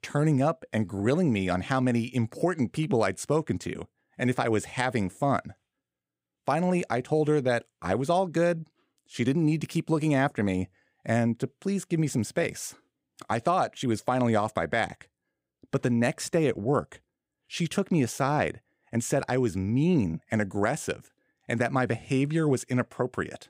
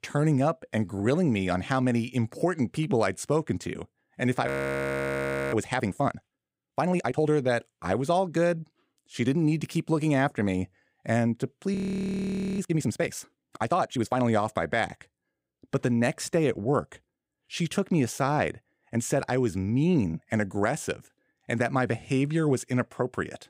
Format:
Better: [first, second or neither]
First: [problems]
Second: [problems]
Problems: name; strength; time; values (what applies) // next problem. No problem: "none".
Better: first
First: none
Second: audio freezing; at 4.5 s for 1 s and at 12 s for 1 s